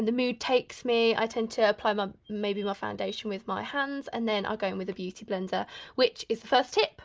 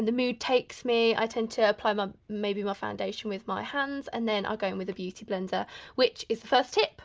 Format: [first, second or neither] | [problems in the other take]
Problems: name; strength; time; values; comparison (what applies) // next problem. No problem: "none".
second | noise reduction (neural mask model Resemble Enhance denoiser)